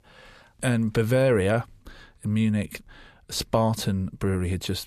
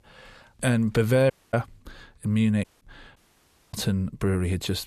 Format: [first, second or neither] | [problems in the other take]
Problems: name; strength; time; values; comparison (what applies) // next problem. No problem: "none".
first | audio cutting out; at 1.5 s, at 2.5 s and at 3 s for 0.5 s